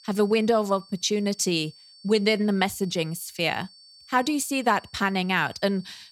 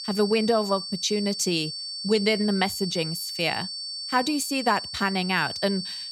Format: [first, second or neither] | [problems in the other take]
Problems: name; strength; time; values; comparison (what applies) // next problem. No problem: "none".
first | high-pitched whine; loud; throughout; 4.5 kHz, 6 dB below the speech; faint in the first